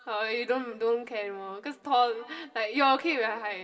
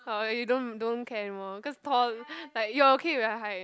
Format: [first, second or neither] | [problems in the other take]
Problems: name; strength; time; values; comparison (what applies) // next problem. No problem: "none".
second | room echo; dies away in 1.4 s